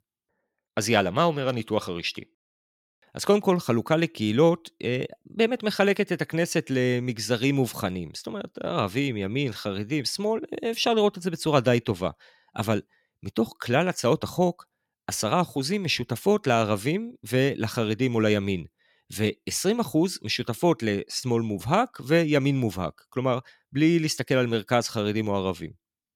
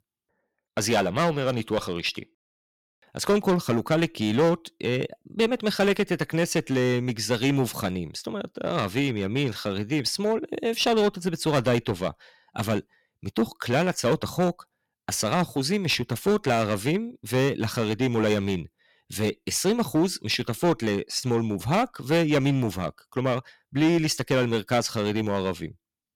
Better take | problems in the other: first | distortion; slight; 6% of the sound clipped

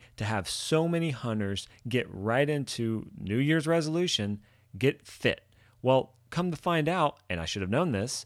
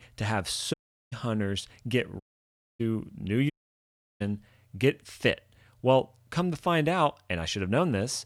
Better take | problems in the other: first | audio cutting out; at 0.5 s, at 2 s for 0.5 s and at 3.5 s for 0.5 s

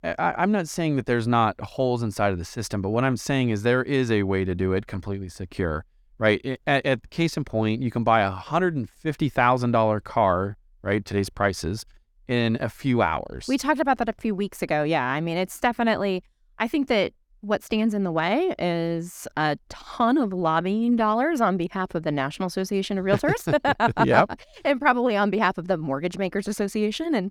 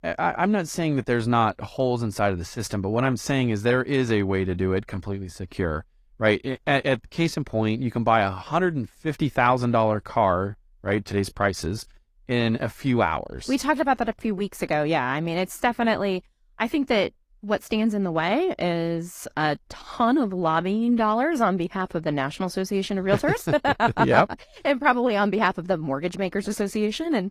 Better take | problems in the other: first | garbled, watery; slightly; nothing above 14.5 kHz

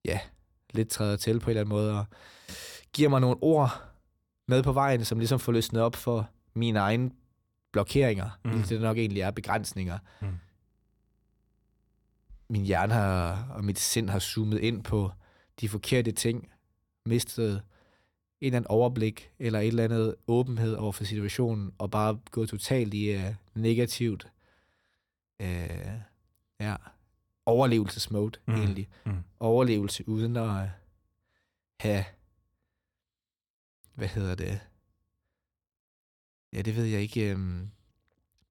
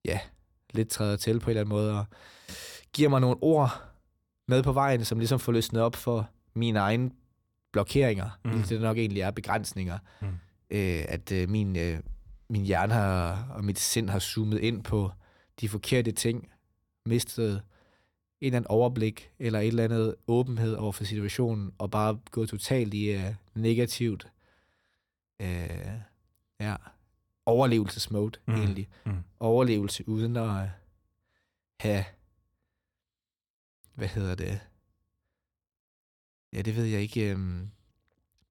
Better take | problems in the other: second | audio freezing; at 11 s for 1.5 s

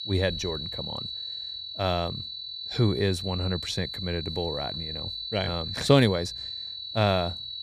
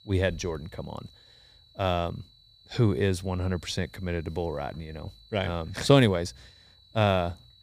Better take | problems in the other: second | high-pitched whine; loud; throughout; 4 kHz, 5 dB below the speech; faint in the second

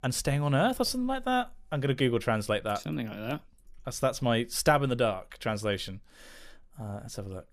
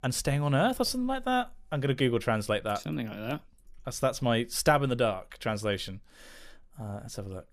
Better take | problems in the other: neither | none

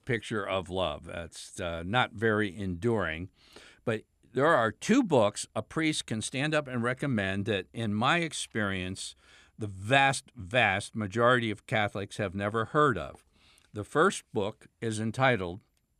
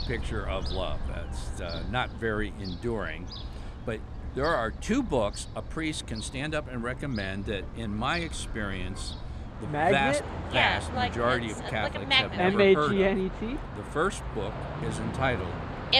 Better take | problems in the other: first | animal sounds; very loud; throughout; as loud as the speech

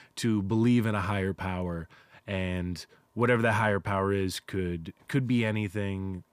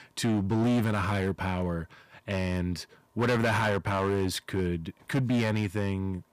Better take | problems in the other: first | distortion; slight; 12% of the sound clipped

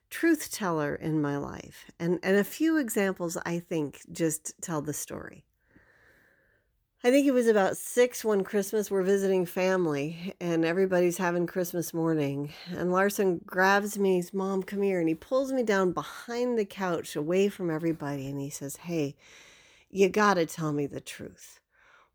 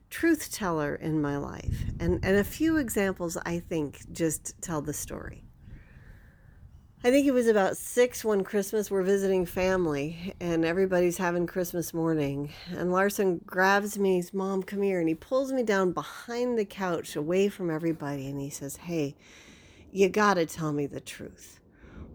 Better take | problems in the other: first | rain or running water; noticeable; throughout; 20 dB below the speech

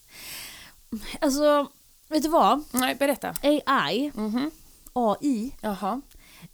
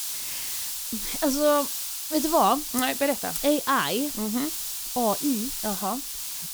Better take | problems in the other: first | hiss; loud; throughout; 3 dB below the speech; faint in the first

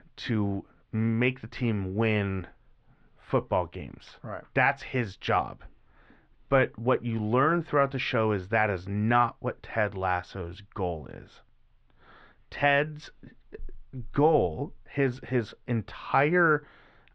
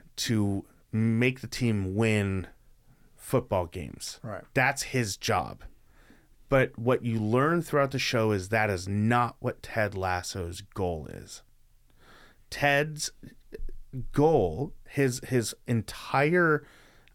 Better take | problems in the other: second | muffled; very; fading above 3.5 kHz

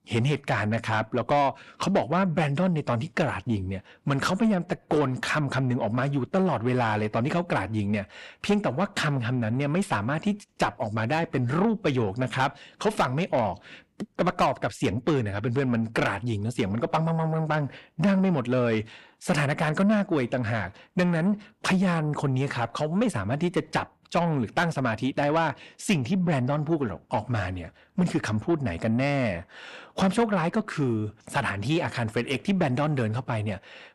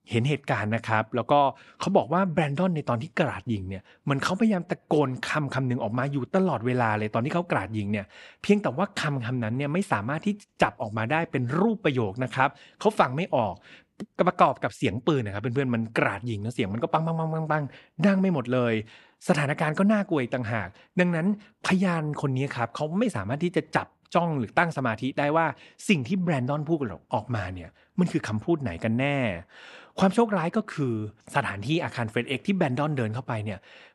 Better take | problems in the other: second | distortion; slight; 10 dB below the speech

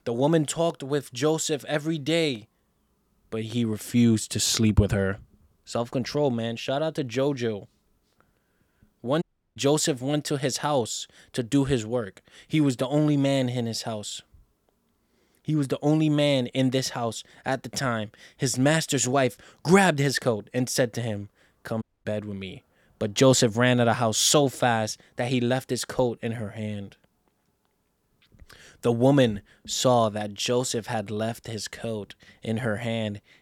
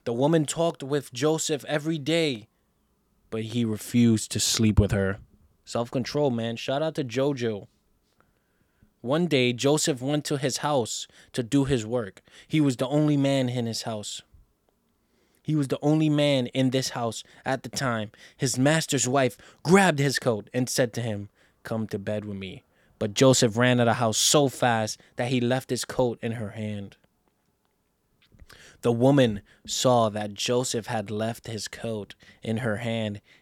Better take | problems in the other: second | audio cutting out; at 9 s and at 22 s

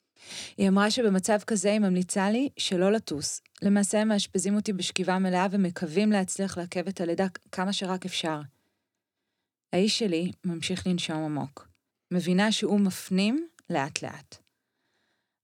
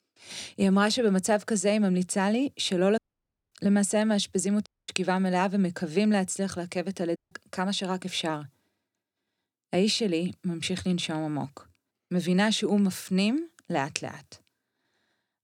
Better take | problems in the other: first | audio cutting out; at 3 s for 0.5 s, at 4.5 s and at 7 s

